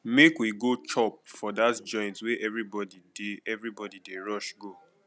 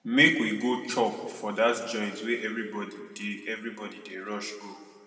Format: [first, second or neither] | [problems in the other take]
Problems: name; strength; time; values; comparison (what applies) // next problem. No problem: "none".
first | room echo; dies away in 1.6 s